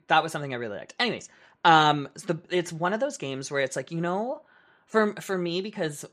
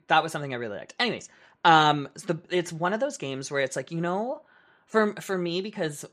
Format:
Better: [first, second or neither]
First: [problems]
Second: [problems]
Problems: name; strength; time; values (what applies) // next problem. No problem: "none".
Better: neither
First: none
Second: none